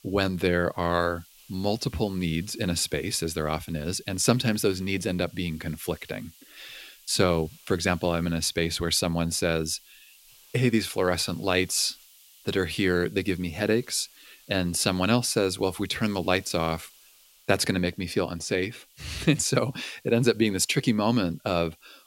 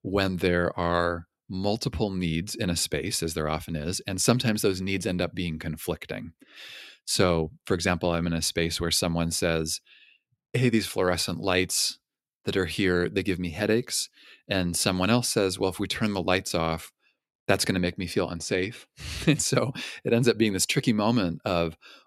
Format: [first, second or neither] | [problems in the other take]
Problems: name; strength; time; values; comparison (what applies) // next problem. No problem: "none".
second | hiss; faint; throughout; 25 dB below the speech